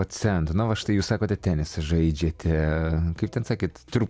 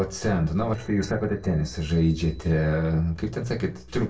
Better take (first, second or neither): first